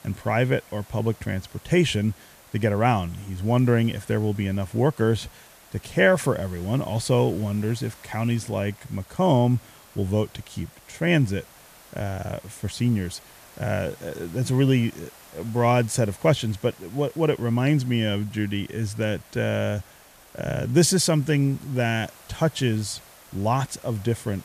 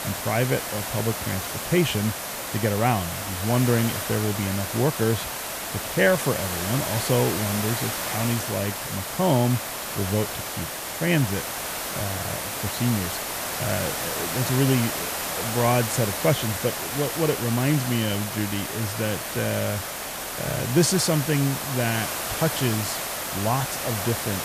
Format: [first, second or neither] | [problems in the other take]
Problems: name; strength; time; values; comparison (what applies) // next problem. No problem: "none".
first | hiss; loud; throughout; 3 dB below the speech; faint in the first